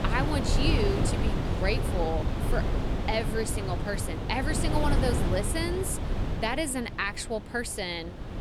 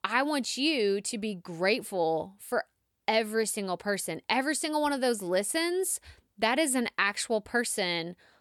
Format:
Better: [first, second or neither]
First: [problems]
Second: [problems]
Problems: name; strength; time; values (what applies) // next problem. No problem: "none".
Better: second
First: wind noise on the microphone; heavy; 4 dB below the speech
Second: none